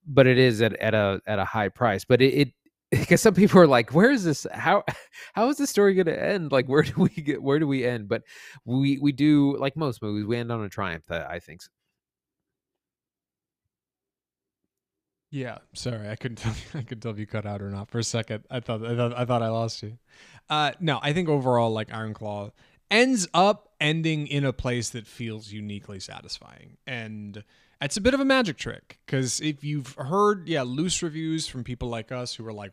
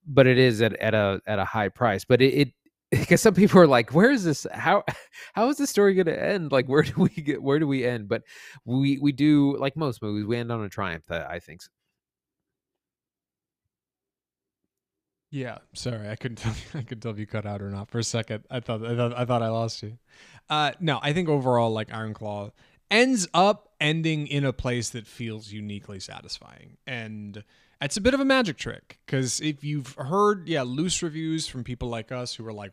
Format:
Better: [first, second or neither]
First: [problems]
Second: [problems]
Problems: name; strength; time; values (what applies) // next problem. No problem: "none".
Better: neither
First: none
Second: none